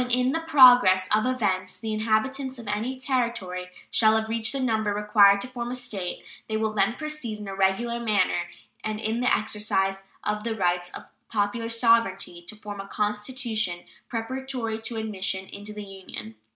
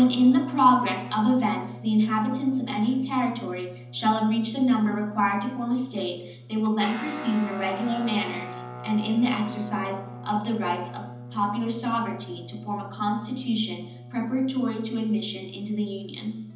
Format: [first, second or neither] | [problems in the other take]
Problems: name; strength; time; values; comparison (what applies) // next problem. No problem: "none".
first | background sound (Guitar); 15 dB below the speech // room echo; dies away in 0.8 s